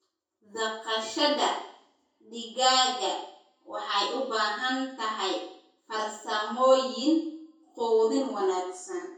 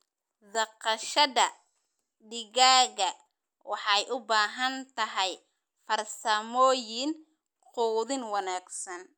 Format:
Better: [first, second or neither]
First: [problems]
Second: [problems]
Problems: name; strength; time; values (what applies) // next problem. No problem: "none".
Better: second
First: room echo; dies away in 0.6 s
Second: none